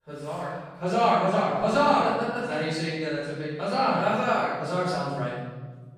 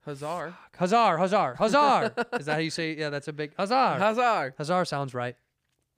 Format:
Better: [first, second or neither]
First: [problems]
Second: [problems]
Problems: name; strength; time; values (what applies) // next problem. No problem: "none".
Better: second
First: room echo; strong; dies away in 1.2 s // off-mic speech; far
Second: none